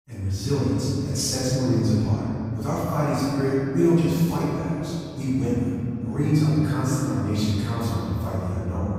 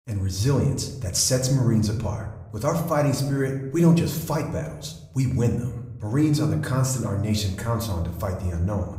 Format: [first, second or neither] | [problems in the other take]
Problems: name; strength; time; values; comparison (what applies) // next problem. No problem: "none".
second | room echo; strong; dies away in 2.9 s; slight in the second // off-mic speech; far